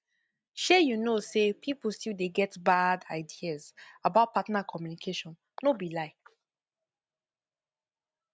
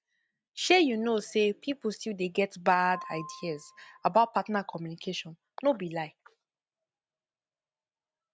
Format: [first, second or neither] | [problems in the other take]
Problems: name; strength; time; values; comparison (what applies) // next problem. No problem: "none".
first | background sound (Piano); 17 dB below the speech